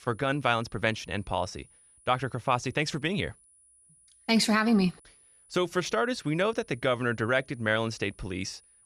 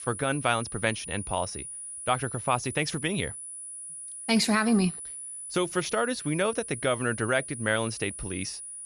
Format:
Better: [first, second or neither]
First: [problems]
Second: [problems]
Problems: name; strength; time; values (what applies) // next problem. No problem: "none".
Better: first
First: high-pitched whine; faint; throughout; 10 kHz, 30 dB below the speech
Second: high-pitched whine; loud; throughout; 10 kHz, 9 dB below the speech